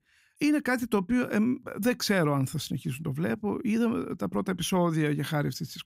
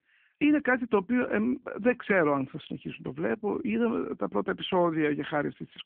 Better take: first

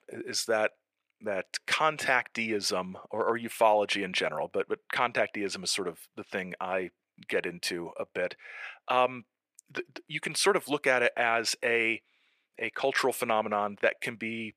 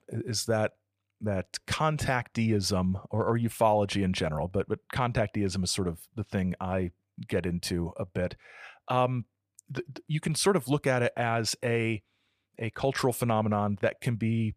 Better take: second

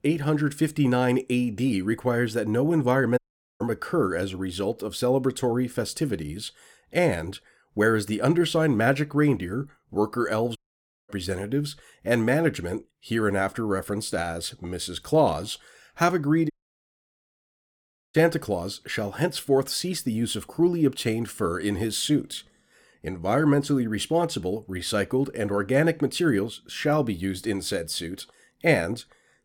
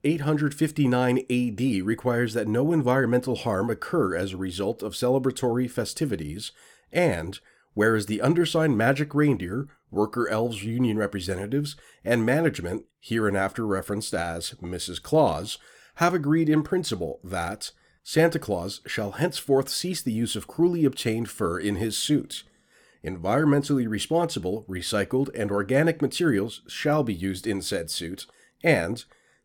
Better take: second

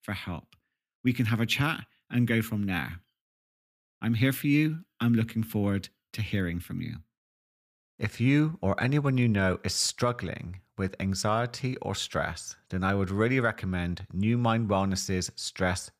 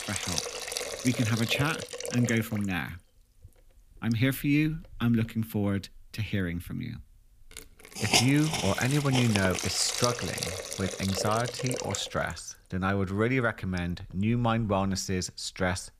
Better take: first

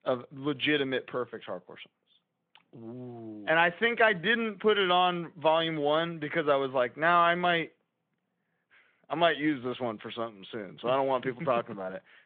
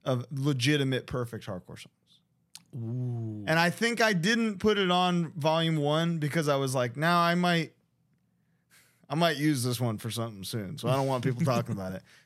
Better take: second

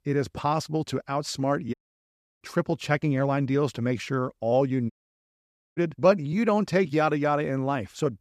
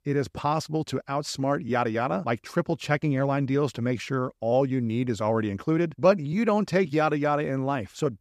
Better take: second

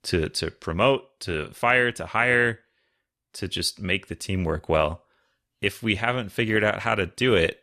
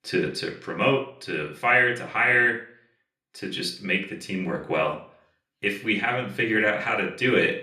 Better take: first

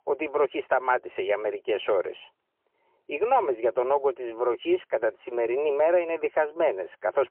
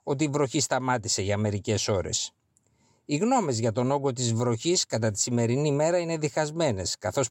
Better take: second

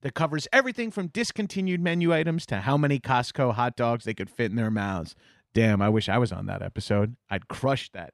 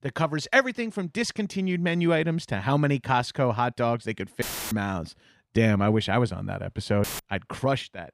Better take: first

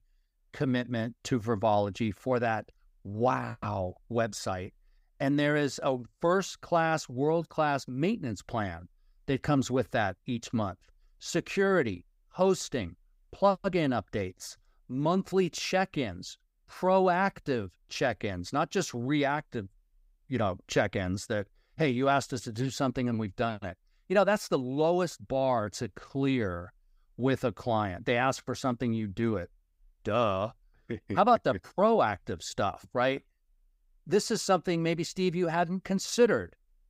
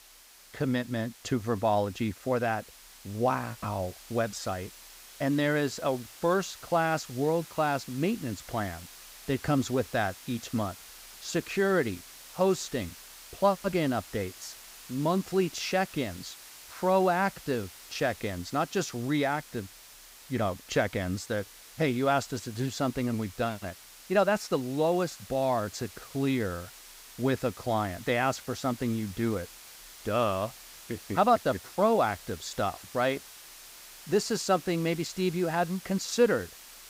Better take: first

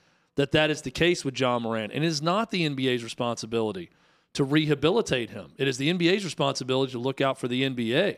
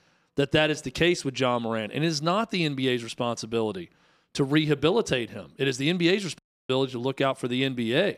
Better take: first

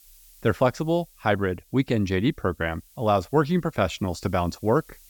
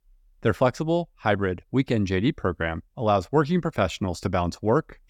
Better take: second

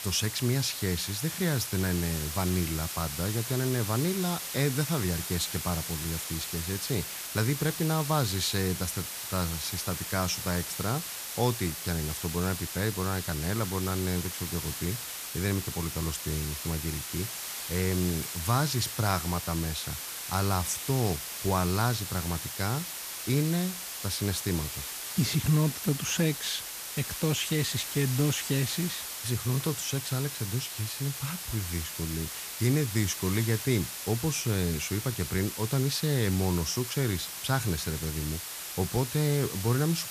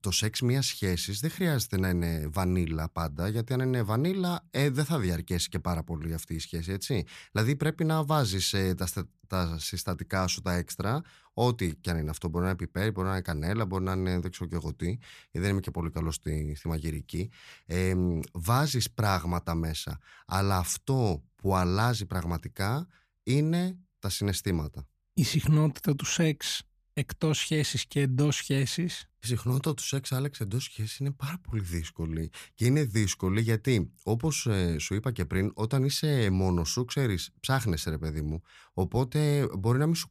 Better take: second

